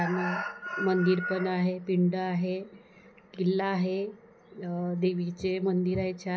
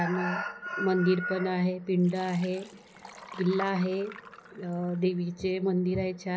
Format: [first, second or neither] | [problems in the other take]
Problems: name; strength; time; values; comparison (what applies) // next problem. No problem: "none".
first | background sound (Liquid); 20 dB below the speech